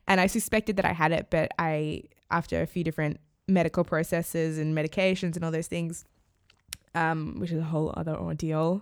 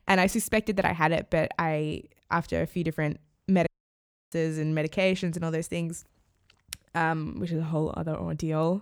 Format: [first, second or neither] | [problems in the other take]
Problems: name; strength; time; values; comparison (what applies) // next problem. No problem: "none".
first | audio cutting out; at 3.5 s for 0.5 s